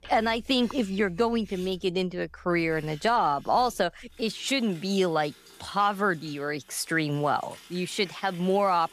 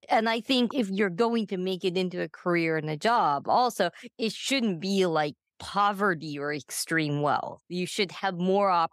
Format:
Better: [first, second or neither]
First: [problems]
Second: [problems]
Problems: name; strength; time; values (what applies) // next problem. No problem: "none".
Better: second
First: household noises; faint; throughout; 25 dB below the speech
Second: none